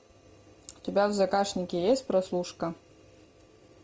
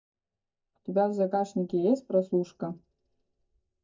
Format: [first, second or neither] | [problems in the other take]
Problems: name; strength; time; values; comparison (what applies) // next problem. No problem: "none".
first | noise reduction (neural mask model DeepFilterNet 3)